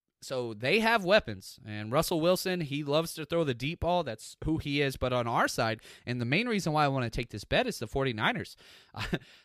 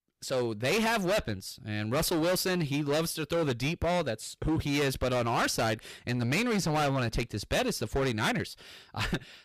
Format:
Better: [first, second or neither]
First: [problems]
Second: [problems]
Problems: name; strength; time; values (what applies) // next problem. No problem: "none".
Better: first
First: none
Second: distortion; heavy; 18% of the sound clipped